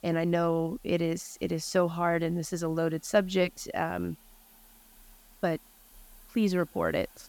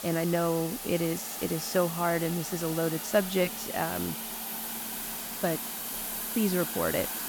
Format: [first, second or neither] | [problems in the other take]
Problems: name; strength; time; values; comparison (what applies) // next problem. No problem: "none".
first | hiss; loud; throughout; 4 dB below the speech; faint in the first